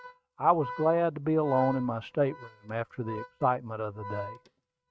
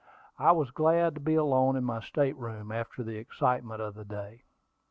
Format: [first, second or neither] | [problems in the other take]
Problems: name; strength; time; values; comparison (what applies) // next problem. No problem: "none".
second | noise reduction (neural mask model RNNoise)